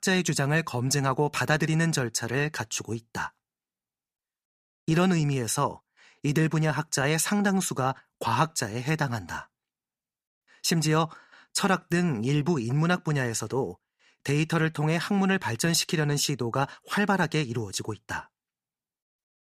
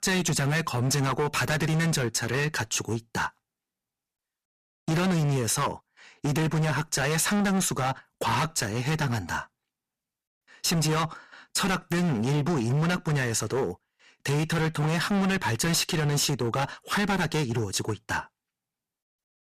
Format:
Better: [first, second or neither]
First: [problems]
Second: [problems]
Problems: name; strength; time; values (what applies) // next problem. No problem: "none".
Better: first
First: none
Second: distortion; heavy; 18% of the sound clipped